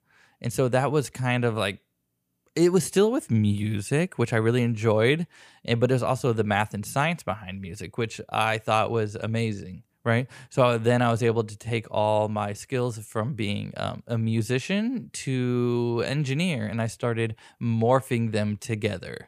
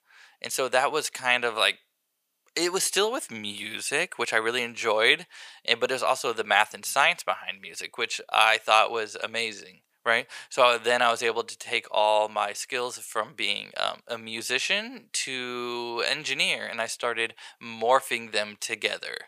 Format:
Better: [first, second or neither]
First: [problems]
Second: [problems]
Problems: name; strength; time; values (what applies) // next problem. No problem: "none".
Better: first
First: none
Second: thin; very; fading below 700 Hz